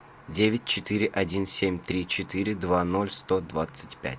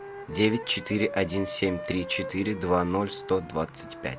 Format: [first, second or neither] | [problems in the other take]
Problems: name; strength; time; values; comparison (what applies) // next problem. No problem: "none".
first | background sound (Wind instrument, woodwind instrument); 11 dB below the speech